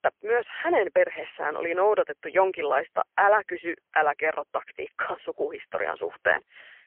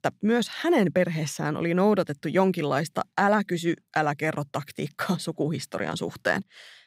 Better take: second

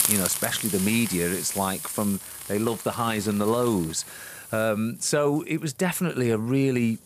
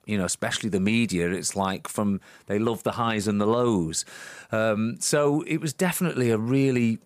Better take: second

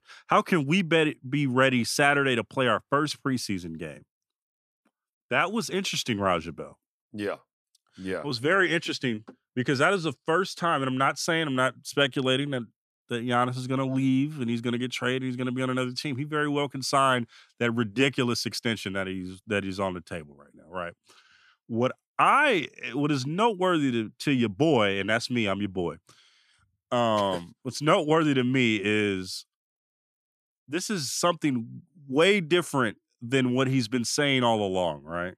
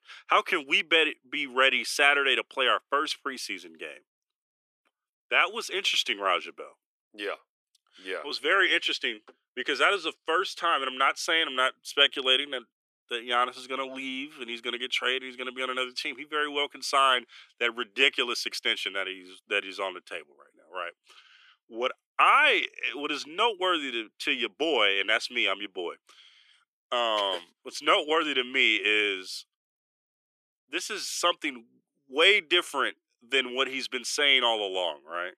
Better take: first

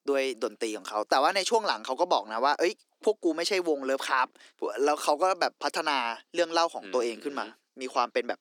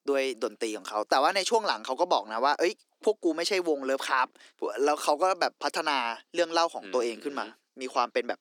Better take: neither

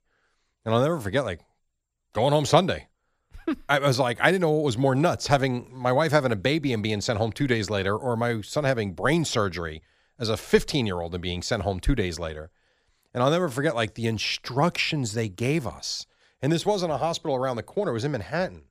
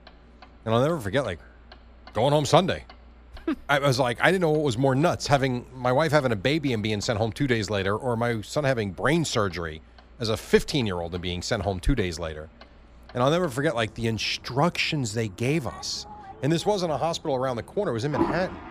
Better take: first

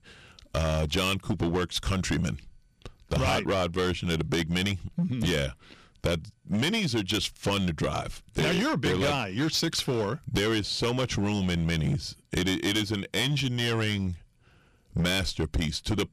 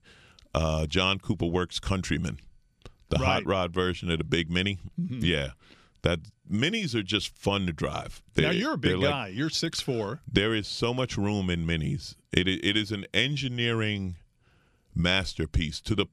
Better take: second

